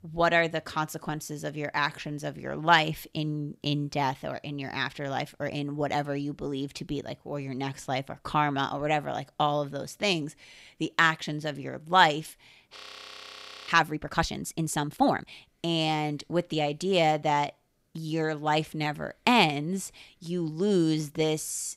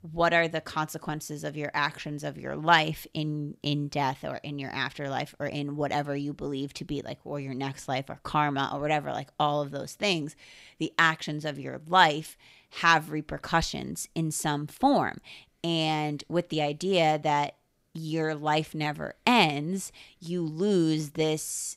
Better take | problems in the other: second | audio freezing; at 13 s for 1 s

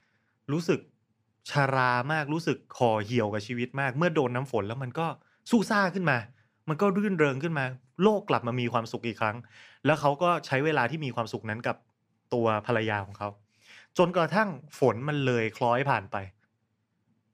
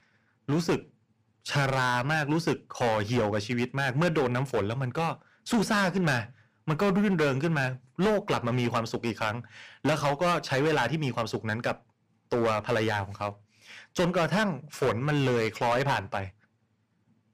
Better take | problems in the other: first | distortion; heavy; 11% of the sound clipped

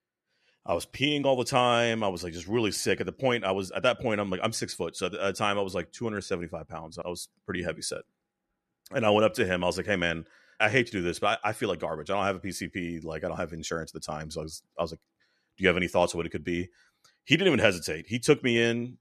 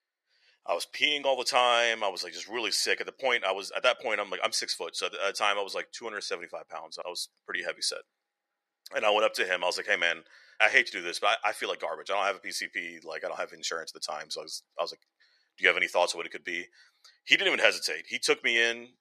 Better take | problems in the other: first | thin; very; fading below 650 Hz

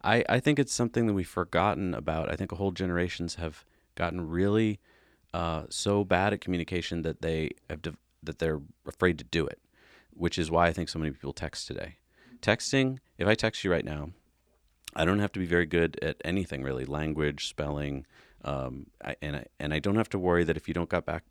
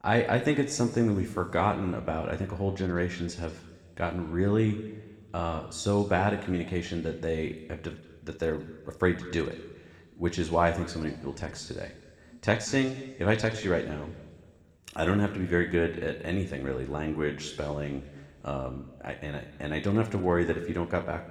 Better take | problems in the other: first | room echo; slight; dies away in 1.4 s // off-mic speech; somewhat distant

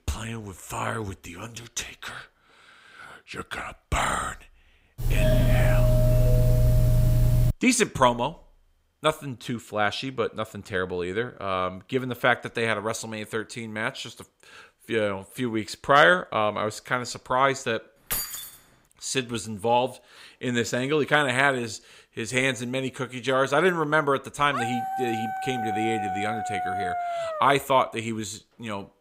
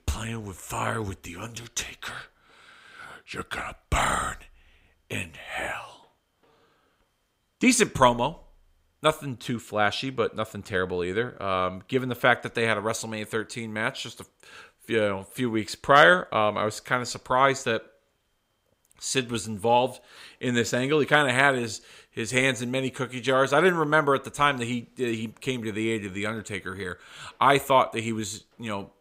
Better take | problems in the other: second | doorbell; loud; from 5 to 7.5 s; peak 5 dB above the speech // jangling keys; noticeable; at 18 s; peak 2 dB below the speech // dog barking; noticeable; from 25 to 28 s; peak 3 dB below the speech

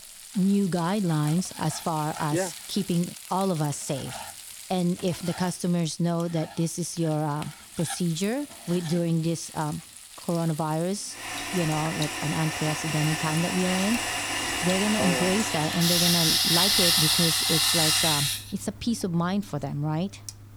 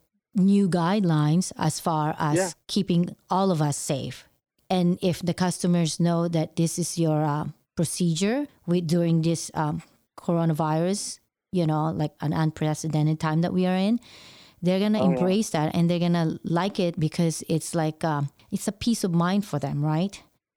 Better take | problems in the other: second | household noises; very loud; throughout; 4 dB above the speech

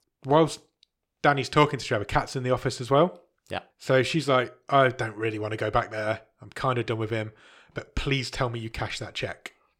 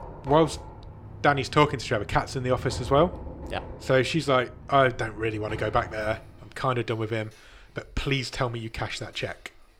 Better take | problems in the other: first | household noises; noticeable; throughout; 15 dB below the speech

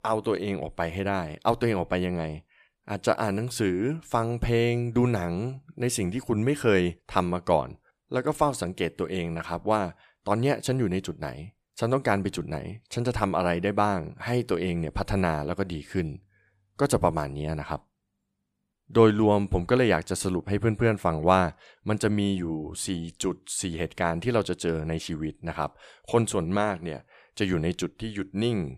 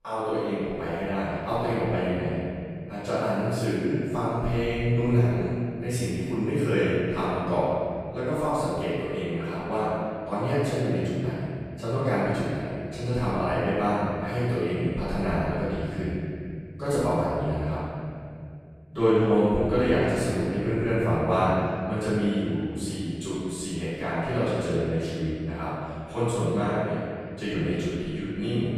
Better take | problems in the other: first | room echo; strong; dies away in 2.4 s // off-mic speech; far

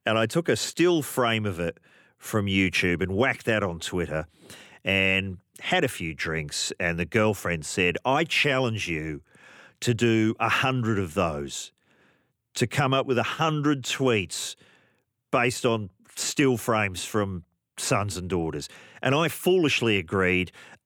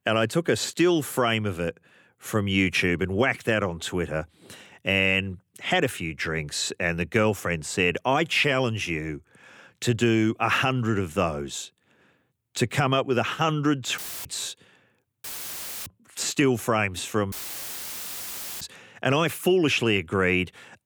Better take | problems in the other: first | audio cutting out; filled with static; at 14 s, at 15 s for 0.5 s and at 17 s for 1.5 s

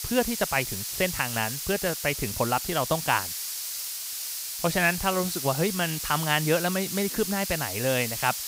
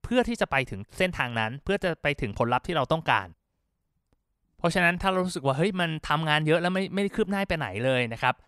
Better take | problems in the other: second | hiss; loud; throughout; 4 dB below the speech

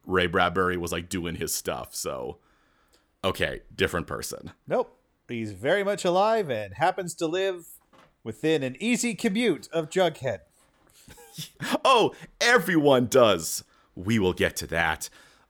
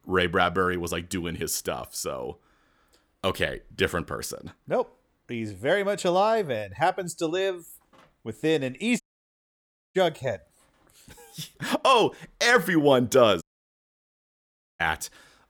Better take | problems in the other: first | audio cutting out; at 9 s for 1 s and at 13 s for 1.5 s

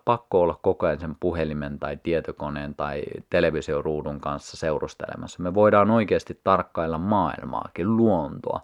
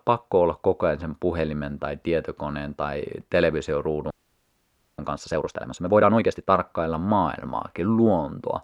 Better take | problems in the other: first | audio freezing; at 4 s for 1 s

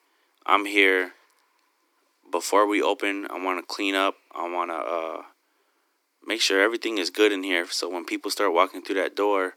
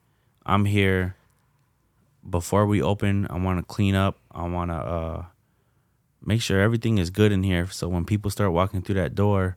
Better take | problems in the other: second | thin; very; fading below 300 Hz

